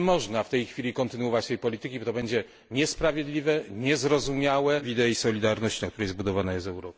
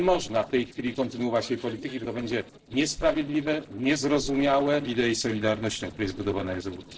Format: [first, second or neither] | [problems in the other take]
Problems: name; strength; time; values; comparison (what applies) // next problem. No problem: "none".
first | noise reduction (neural separator model SepFormer DNS4)